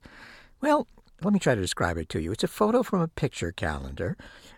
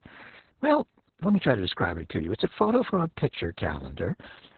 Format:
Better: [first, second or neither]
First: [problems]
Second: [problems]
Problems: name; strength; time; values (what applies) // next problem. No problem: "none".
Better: first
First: none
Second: garbled, watery; badly; nothing above 4 kHz